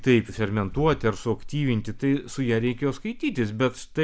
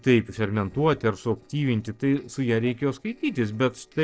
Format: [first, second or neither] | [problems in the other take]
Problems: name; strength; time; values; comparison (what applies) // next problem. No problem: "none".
first | noise reduction (neural separator model SepFormer DNS4)